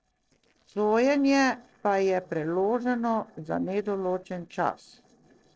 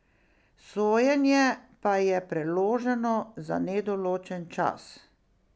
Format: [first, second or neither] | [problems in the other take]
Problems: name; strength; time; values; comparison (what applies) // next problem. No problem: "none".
second | noise reduction (neural separator model SepFormer DNS4)